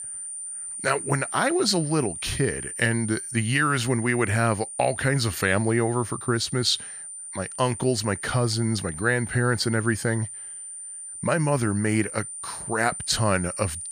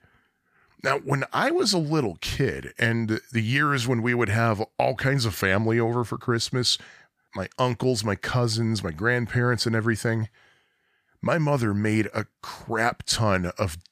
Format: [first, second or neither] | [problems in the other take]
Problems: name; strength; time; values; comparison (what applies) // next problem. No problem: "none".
second | high-pitched whine; loud; throughout; 9 kHz, 9 dB below the speech